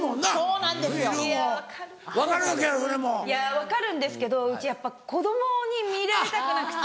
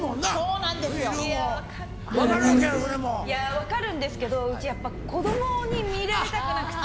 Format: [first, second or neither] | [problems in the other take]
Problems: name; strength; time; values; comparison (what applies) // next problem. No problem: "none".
first | background sound (Subway, metro, underground); 2 dB below the speech